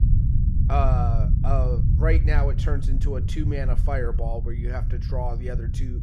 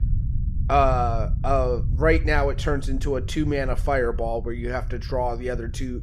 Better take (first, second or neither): second